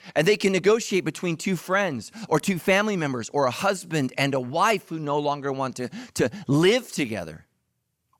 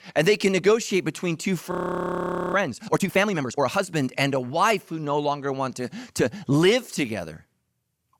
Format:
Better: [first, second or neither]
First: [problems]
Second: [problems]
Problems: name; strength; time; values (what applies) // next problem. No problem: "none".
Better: first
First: none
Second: audio freezing; at 1.5 s for 1 s